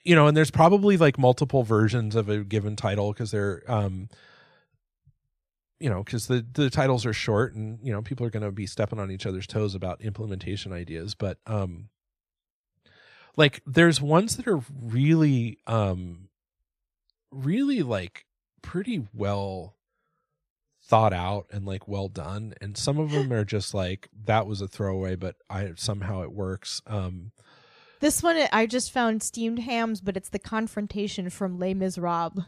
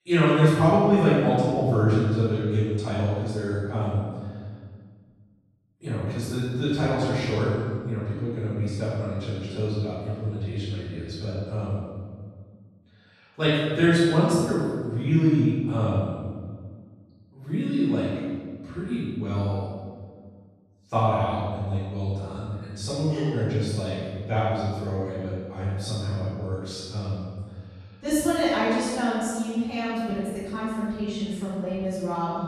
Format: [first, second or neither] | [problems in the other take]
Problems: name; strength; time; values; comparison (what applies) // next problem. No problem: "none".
first | room echo; strong; dies away in 1.6 s // off-mic speech; far